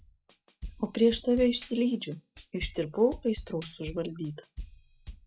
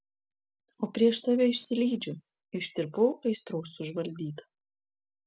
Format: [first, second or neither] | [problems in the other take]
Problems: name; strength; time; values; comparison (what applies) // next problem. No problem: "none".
second | noise reduction (classical method log-MMSE)